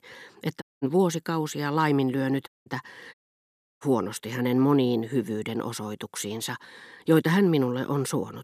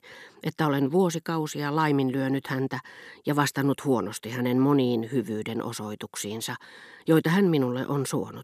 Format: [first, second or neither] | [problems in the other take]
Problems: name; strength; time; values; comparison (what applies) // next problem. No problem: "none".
second | audio cutting out; at 0.5 s, at 2.5 s and at 3 s for 0.5 s